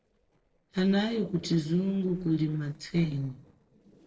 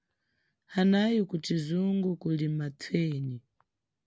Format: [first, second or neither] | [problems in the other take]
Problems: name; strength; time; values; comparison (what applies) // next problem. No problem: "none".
second | noise reduction (neural separator model SepFormer DNS4)